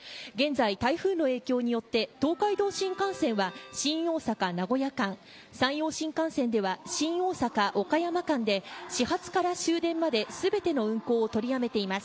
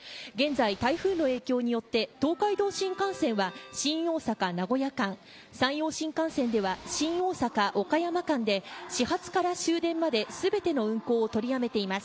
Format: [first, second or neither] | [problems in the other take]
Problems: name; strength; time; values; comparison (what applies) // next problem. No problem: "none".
first | background sound (Ocean / Boat, Water vehicle); 19 dB below the speech